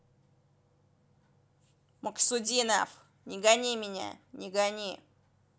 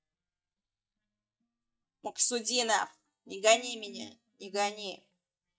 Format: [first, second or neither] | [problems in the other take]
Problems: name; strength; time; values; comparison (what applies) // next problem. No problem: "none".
first | noise reduction (neural mask model DeepFilterNet 3)